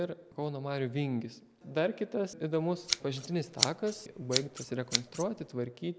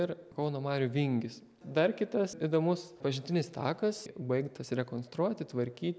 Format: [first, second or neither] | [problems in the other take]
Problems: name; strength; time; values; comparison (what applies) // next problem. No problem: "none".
second | background sound (Scissors); 2 dB below the speech